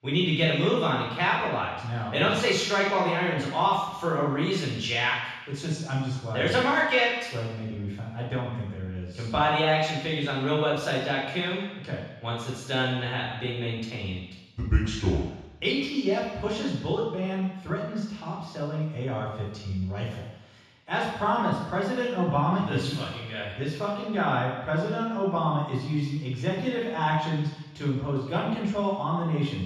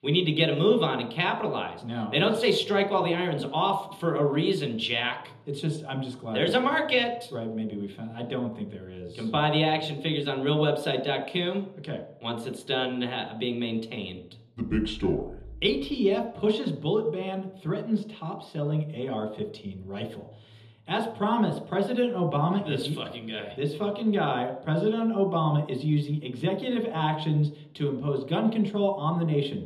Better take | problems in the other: second | room echo; strong; dies away in 1.1 s; slight in the second // off-mic speech; far

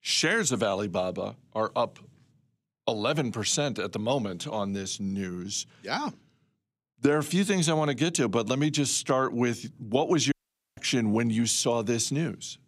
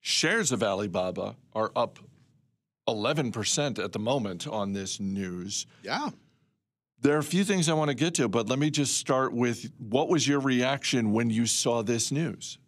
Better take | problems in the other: second | audio cutting out; at 10 s

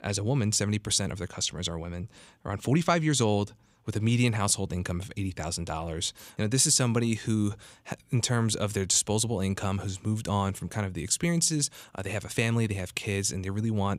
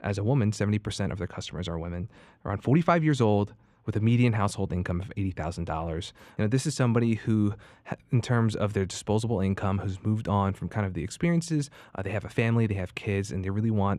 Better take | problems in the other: first | muffled; very; fading above 3.5 kHz

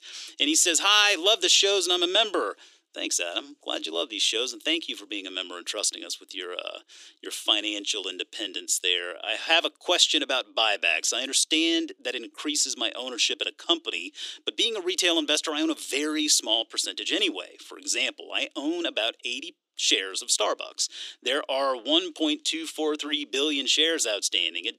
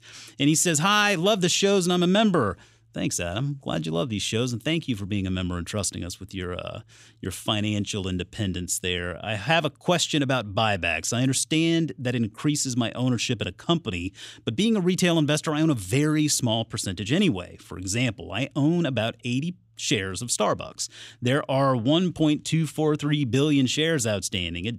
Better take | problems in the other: second | thin; somewhat; fading below 300 Hz

